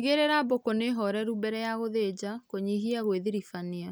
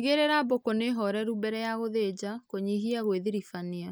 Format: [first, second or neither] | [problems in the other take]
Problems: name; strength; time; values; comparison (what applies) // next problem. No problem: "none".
first | noise reduction (neural mask model Resemble Enhance denoiser)